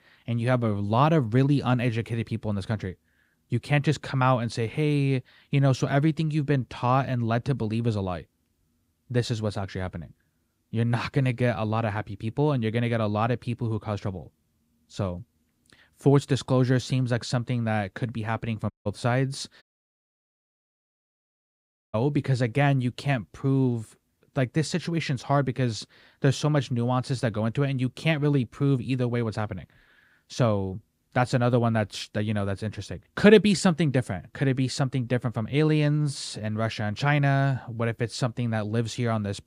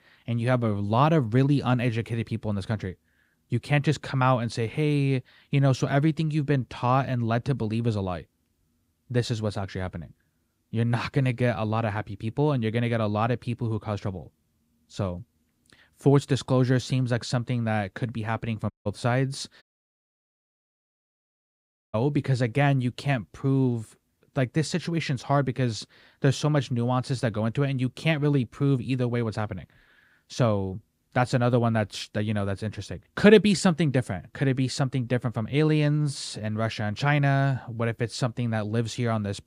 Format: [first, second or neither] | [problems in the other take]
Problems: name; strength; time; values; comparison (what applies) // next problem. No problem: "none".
neither | audio cutting out; at 19 s and at 20 s for 2.5 s; the same in both